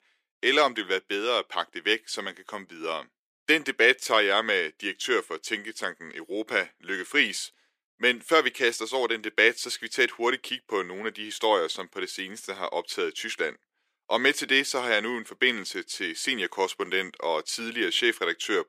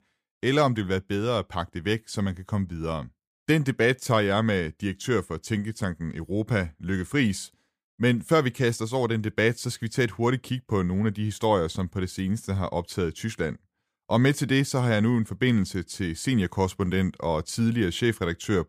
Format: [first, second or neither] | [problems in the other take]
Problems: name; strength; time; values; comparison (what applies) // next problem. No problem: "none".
second | thin; very; fading below 350 Hz